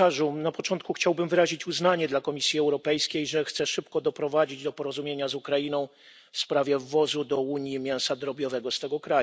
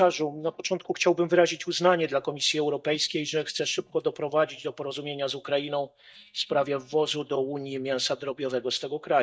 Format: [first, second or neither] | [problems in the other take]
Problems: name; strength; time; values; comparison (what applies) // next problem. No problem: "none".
first | noise reduction (neural mask model DeepFilterNet 3)